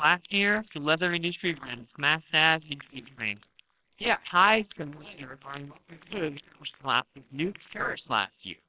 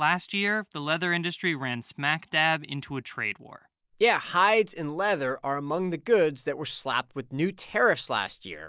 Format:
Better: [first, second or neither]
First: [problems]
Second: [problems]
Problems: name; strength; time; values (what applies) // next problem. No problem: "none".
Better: second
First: noise reduction (neural separator model SepFormer WHAMR!)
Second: none